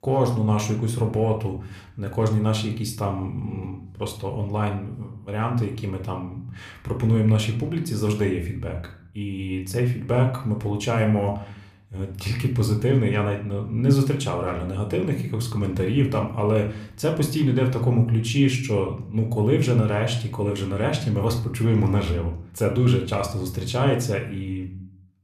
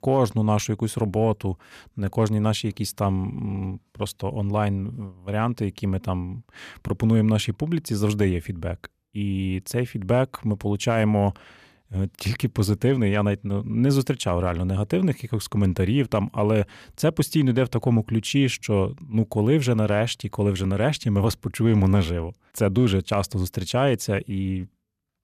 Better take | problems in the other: second | room echo; slight; dies away in 0.4 s

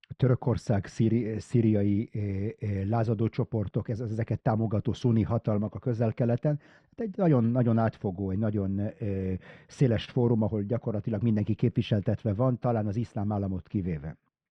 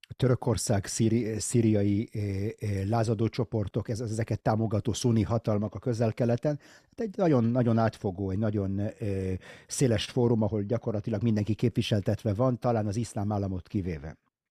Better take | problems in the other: second | muffled; slightly; fading above 3 kHz

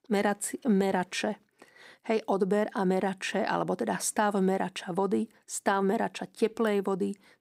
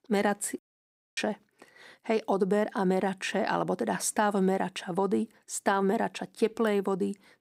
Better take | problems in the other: first | audio cutting out; at 0.5 s for 0.5 s

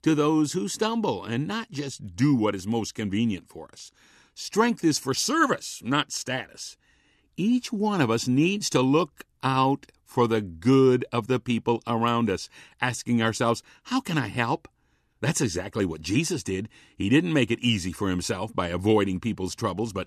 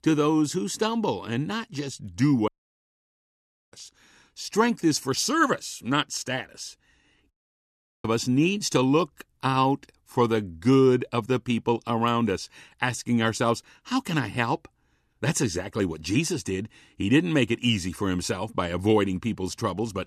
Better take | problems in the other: first | audio cutting out; at 2.5 s for 1 s and at 7.5 s for 0.5 s

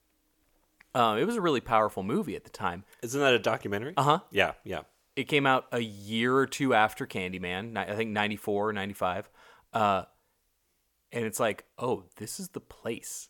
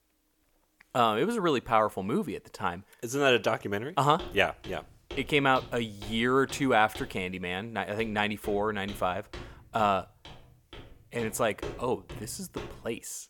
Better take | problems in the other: first | footsteps; faint; from 4 s on; peak 10 dB below the speech

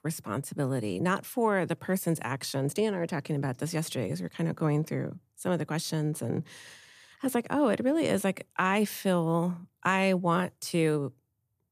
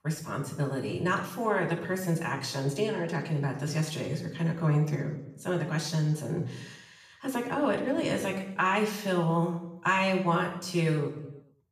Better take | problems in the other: first | room echo; noticeable; dies away in 0.7 s // off-mic speech; far

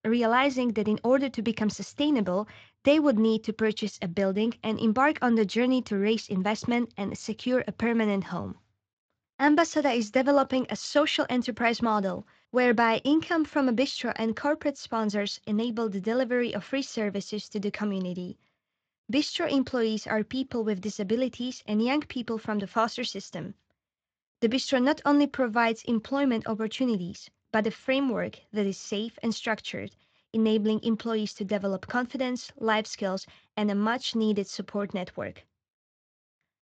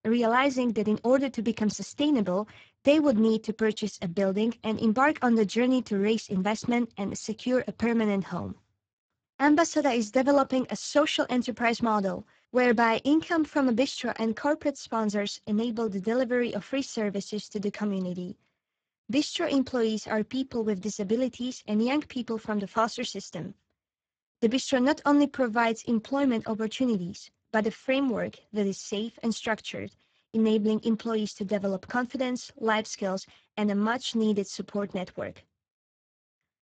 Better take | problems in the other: first | garbled, watery; badly; nothing above 7.5 kHz; slightly in the first

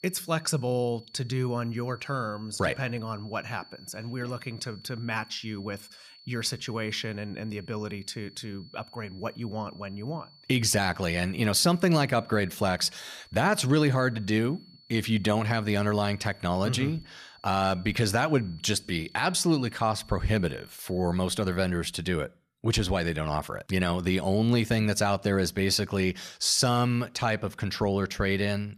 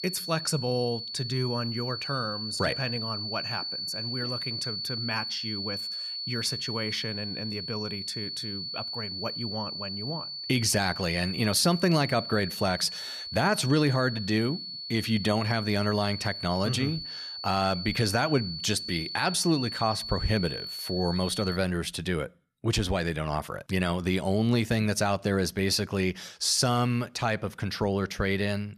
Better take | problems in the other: first | high-pitched whine; loud; until 22 s; 4.5 kHz, 5 dB below the speech; faint in the first

